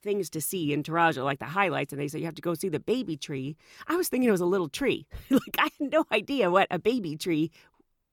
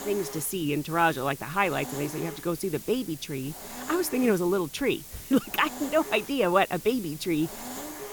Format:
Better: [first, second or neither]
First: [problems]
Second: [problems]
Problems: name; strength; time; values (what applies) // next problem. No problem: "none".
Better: first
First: none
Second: hiss; noticeable; throughout; 10 dB below the speech